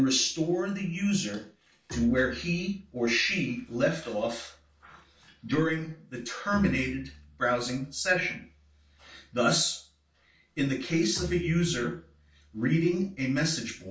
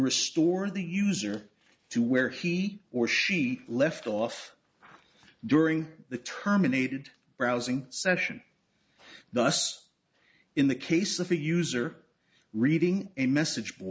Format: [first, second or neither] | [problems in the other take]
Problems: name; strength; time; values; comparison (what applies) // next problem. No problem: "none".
second | background sound (Bowed string instrument); 19 dB below the speech // room echo; dies away in 0.3 s